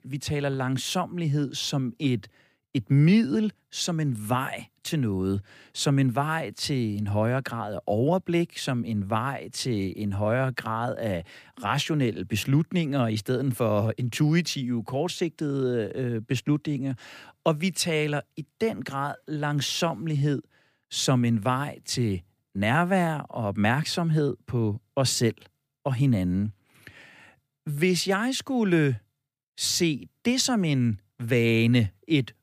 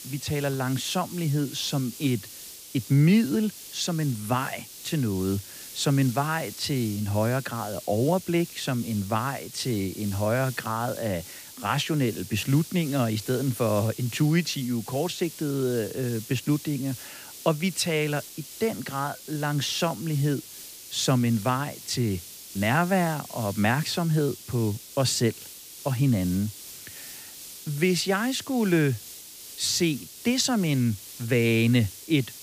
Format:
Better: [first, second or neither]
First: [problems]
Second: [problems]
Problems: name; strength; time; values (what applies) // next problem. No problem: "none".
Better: first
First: none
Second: hiss; noticeable; throughout; 15 dB below the speech